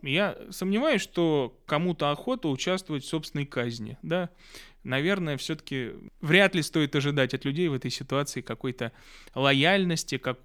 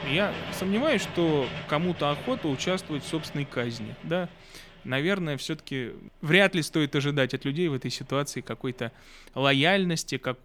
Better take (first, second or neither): first